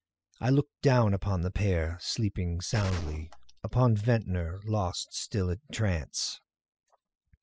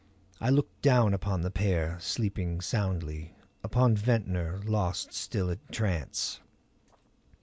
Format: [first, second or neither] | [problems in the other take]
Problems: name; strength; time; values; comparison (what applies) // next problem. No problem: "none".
second | noise reduction (classical method spectral subtraction)